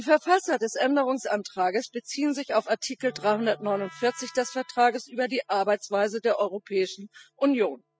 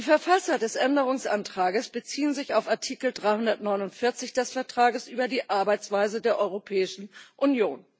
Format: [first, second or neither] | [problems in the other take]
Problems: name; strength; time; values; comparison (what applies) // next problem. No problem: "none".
second | noise reduction (classical method spectral subtraction)